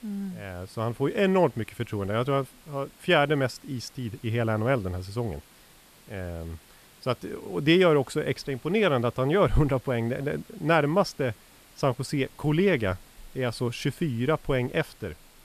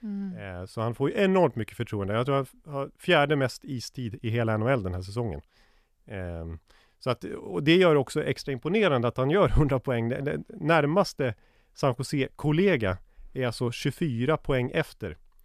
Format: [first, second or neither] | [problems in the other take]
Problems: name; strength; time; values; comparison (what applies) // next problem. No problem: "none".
second | hiss; faint; throughout; 25 dB below the speech